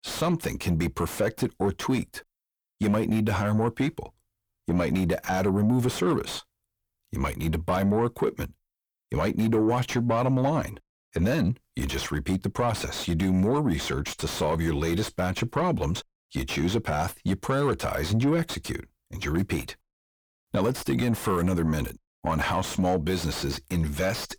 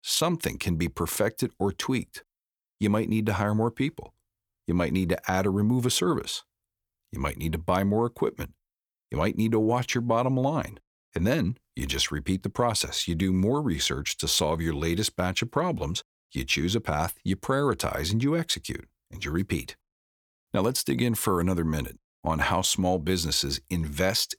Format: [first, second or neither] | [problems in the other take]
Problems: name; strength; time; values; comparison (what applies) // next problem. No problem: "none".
second | distortion; heavy; 7 dB below the speech